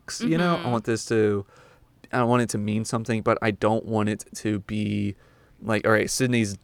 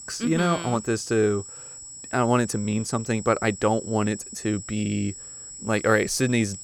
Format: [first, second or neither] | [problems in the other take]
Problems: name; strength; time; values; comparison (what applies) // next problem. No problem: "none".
first | high-pitched whine; noticeable; throughout; 8 kHz, 15 dB below the speech